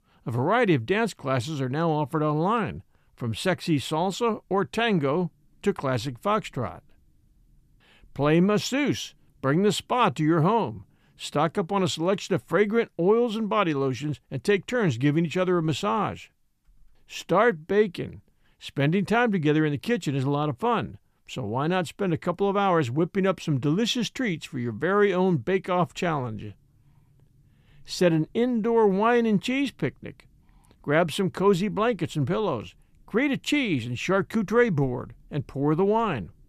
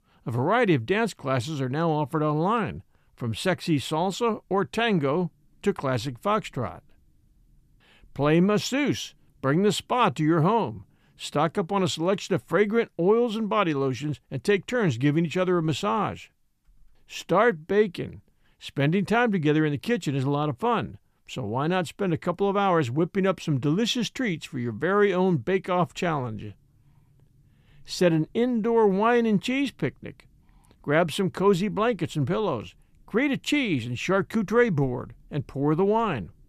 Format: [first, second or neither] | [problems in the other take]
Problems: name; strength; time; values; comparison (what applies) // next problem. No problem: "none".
neither | none